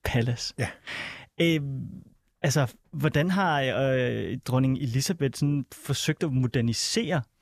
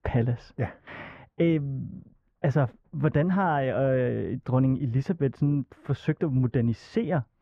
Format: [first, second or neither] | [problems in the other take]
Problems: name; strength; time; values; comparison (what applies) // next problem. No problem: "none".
first | muffled; very; fading above 3.5 kHz